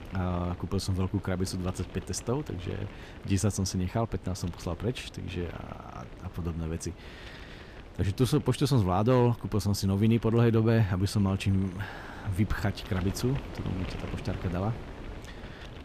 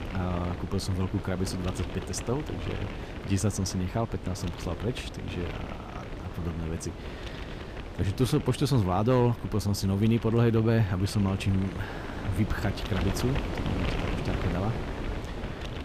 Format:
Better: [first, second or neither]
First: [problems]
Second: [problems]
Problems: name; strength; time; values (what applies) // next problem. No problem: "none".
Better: first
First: wind noise on the microphone; occasional gusts; 15 dB below the speech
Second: wind noise on the microphone; heavy; 6 dB below the speech